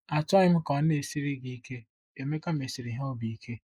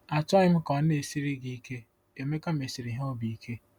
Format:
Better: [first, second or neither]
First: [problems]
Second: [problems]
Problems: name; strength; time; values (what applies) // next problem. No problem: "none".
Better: second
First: noise reduction (neural mask model Resemble Enhance denoiser)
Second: none